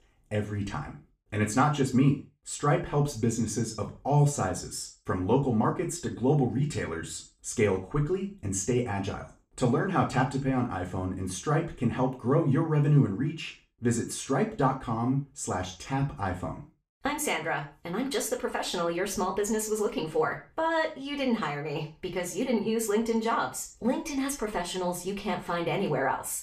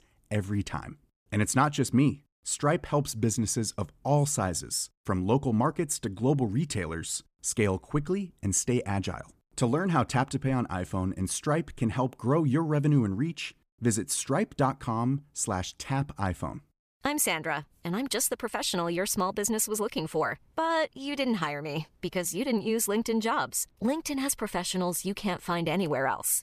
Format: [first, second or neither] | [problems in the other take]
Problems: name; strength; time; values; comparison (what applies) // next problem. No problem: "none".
second | room echo; slight; dies away in 0.3 s // off-mic speech; far